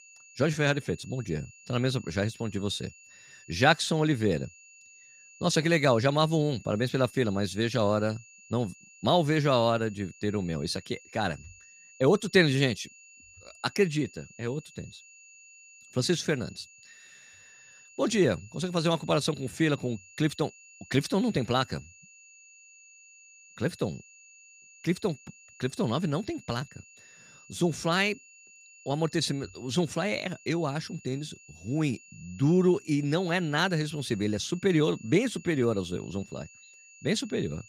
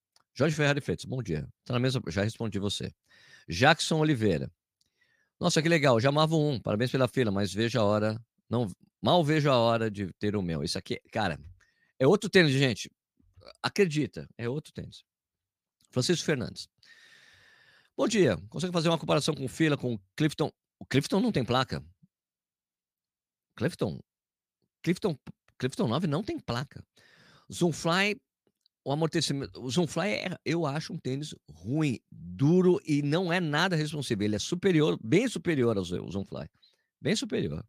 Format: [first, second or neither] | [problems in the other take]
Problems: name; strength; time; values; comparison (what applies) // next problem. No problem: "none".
second | high-pitched whine; faint; throughout; 2.5 kHz, 25 dB below the speech